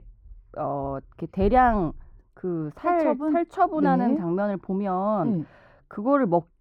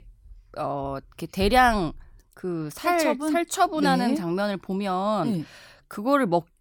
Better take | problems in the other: second | muffled; very; fading above 2.5 kHz

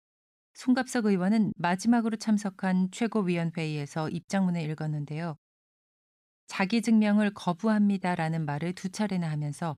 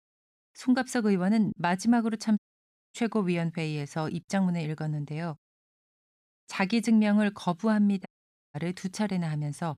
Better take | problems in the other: first | audio cutting out; at 2.5 s for 0.5 s and at 8 s

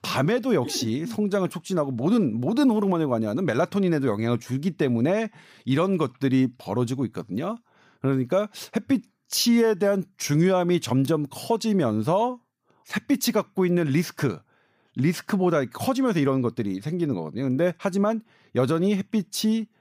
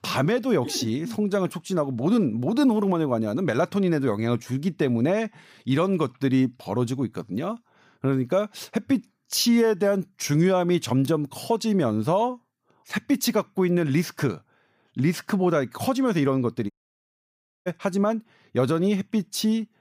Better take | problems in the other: first | audio cutting out; at 17 s for 1 s

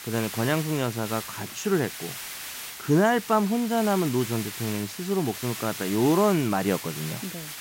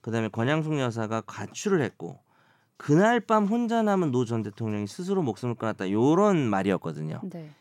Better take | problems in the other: second | hiss; loud; throughout; 9 dB below the speech

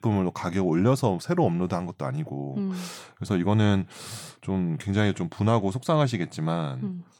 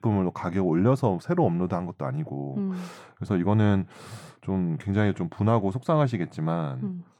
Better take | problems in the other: first | muffled; slightly; fading above 2.5 kHz

